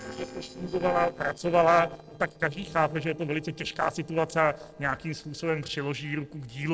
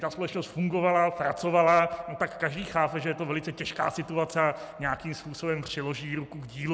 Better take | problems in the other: second | noise reduction (neural separator model SepFormer DNS4)

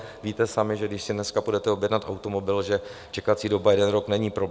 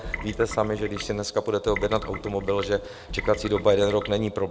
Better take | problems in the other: first | background sound (Trickle, dribble / Water tap, faucet); 10 dB below the speech

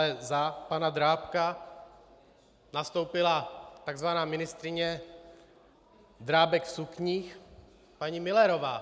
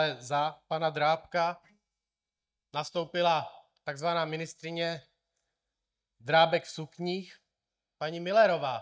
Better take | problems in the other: first | noise reduction (neural mask model DeepFilterNet 3)

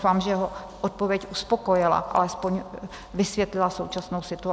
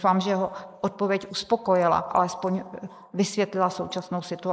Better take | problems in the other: first | noise reduction (neural mask model Resemble Enhance denoiser)

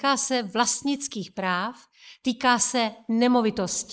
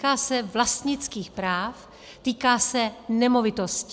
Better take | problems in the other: second | noise reduction (neural mask model Resemble Enhance denoiser)

